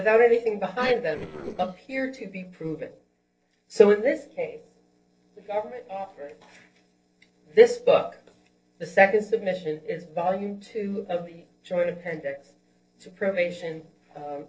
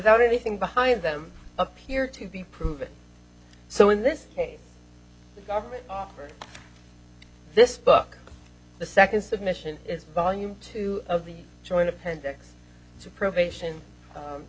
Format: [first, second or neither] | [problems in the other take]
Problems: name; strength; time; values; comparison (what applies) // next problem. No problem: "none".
second | noise reduction (neural separator model SepFormer DNS4)